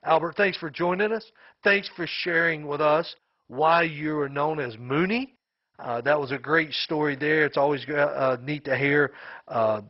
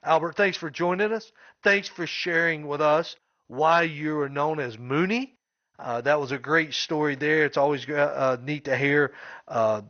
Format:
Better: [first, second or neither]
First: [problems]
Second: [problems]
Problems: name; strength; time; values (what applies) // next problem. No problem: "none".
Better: second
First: garbled, watery; badly; nothing above 5.5 kHz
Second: garbled, watery; slightly; nothing above 6 kHz